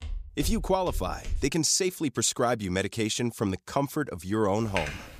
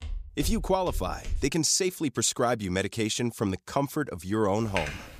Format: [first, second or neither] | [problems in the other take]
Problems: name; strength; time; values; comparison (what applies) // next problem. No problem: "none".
neither | footsteps; noticeable; until 1.5 s; peak 9 dB below the speech; the same in both // keyboard typing; noticeable; at 4.5 s; peak 6 dB below the speech; the same in both